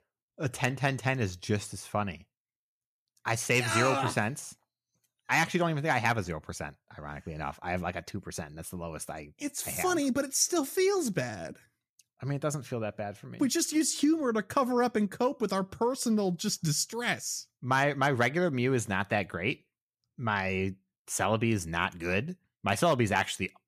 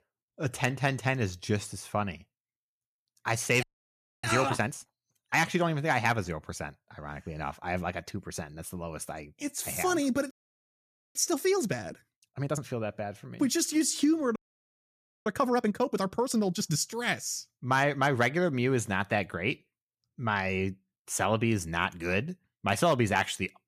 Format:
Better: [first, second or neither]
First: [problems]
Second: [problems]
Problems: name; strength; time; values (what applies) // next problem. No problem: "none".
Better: first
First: none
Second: audio freezing; at 3.5 s for 0.5 s, at 10 s for 1 s and at 14 s for 1 s